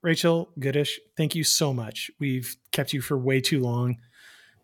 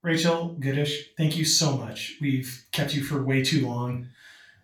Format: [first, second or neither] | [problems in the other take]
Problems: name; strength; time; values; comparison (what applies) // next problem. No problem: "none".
first | room echo; noticeable; dies away in 0.3 s // off-mic speech; far